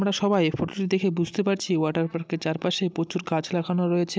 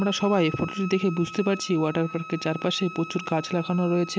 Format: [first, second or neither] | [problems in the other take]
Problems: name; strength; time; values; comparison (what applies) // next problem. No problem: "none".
first | background sound (Wind instrument, woodwind instrument); 14 dB below the speech